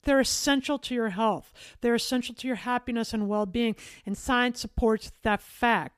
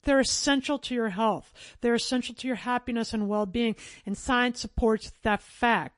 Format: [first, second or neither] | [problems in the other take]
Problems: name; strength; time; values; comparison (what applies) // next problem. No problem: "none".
first | garbled, watery; slightly; nothing above 10.5 kHz